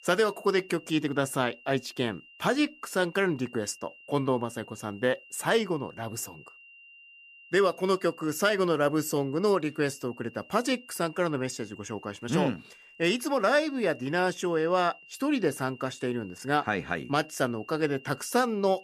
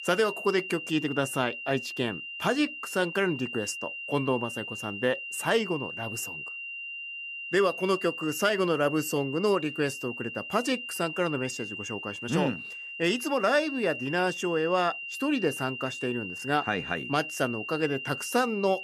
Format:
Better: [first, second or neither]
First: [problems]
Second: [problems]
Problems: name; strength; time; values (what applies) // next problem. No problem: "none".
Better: first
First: high-pitched whine; faint; throughout; 3 kHz, 20 dB below the speech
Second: high-pitched whine; loud; throughout; 3 kHz, 7 dB below the speech